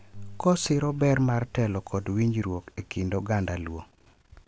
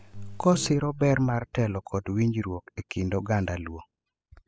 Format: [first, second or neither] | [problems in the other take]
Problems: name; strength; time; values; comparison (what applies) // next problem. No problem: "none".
first | noise reduction (classical method spectral subtraction)